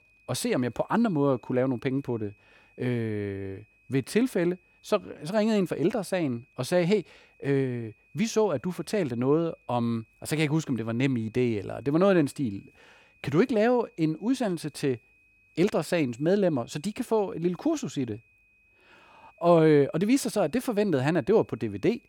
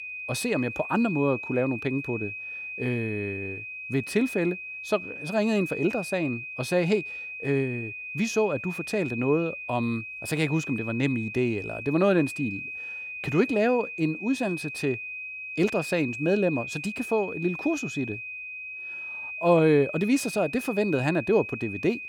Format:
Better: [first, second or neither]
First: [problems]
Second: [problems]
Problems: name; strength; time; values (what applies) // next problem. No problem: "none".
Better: first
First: high-pitched whine; faint; throughout; 2.5 kHz, 35 dB below the speech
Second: high-pitched whine; loud; throughout; 2.5 kHz, 7 dB below the speech